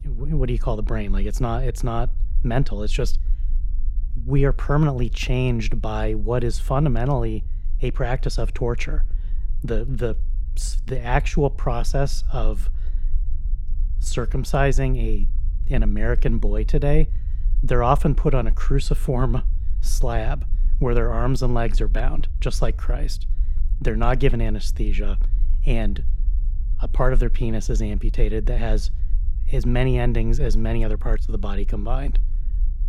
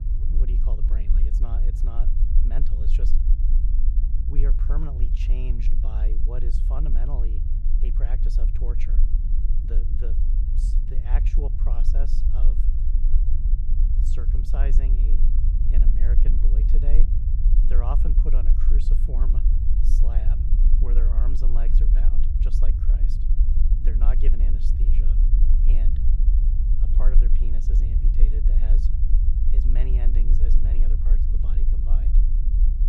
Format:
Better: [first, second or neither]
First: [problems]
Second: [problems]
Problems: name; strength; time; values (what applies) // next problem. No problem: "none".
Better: first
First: low rumble; faint; throughout; 25 dB below the speech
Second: low rumble; loud; throughout; 2 dB below the speech